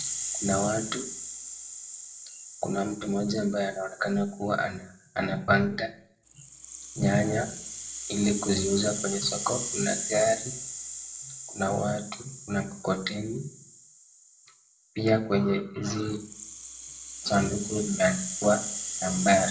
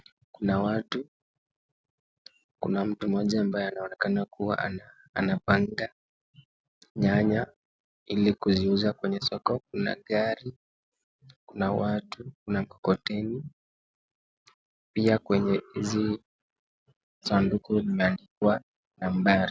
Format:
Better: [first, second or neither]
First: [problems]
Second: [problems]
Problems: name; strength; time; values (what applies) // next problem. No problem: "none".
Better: second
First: background sound (Rattle (instrument)); 8 dB below the speech // room echo; dies away in 0.3 s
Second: none